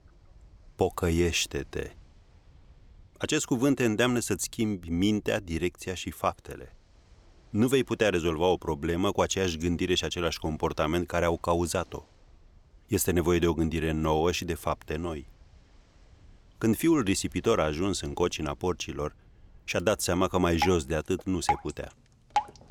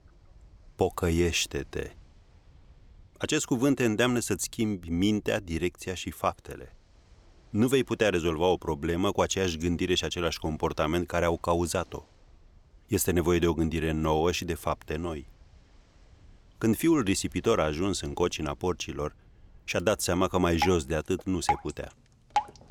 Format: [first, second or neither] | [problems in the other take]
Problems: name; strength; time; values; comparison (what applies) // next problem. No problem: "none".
neither | rain or running water; loud; throughout; 6 dB below the speech; the same in both